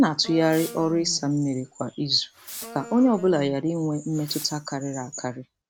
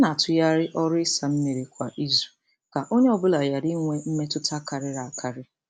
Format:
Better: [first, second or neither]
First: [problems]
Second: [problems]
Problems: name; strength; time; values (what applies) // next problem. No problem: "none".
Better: second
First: background sound (Wind instrument, woodwind instrument + Fireworks); 17 dB below the speech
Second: none